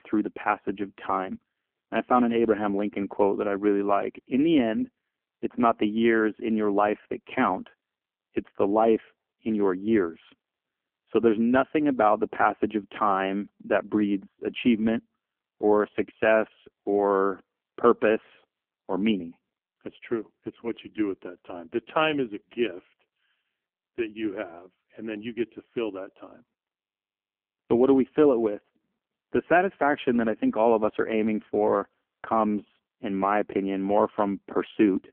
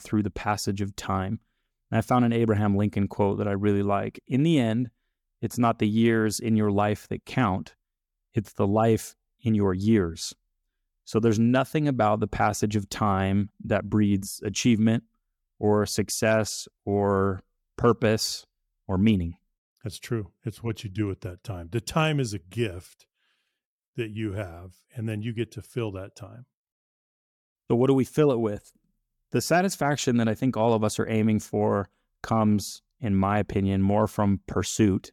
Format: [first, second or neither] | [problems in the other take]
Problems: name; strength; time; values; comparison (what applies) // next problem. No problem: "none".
second | phone-call audio; poor line; nothing above 3 kHz